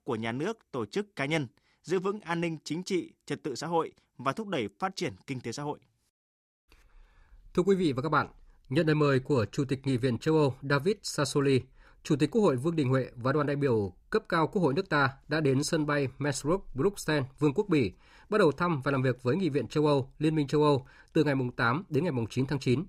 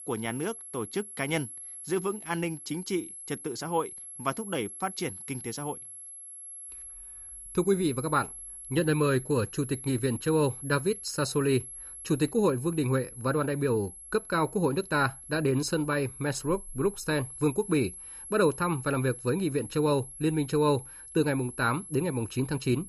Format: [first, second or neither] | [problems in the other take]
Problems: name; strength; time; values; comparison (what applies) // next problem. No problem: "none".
first | high-pitched whine; noticeable; throughout; 11 kHz, 10 dB below the speech